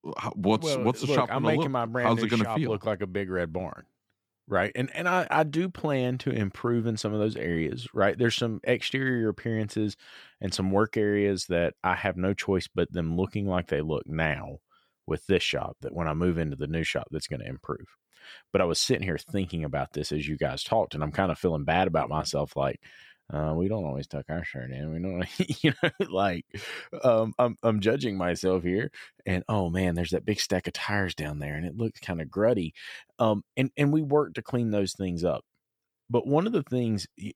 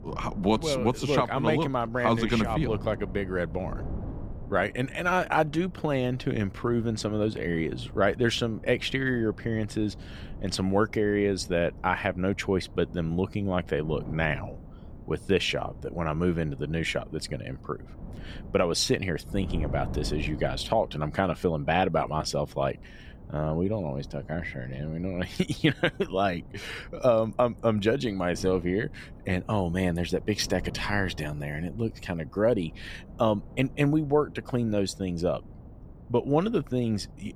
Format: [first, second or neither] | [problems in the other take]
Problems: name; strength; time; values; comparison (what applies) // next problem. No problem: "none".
first | wind noise on the microphone; occasional gusts; 20 dB below the speech